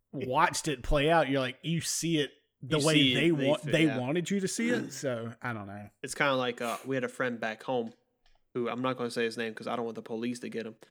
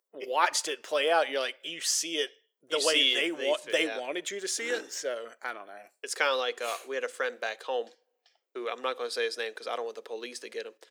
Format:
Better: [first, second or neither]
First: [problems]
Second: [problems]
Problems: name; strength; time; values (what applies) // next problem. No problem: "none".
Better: first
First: none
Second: thin; very; fading below 450 Hz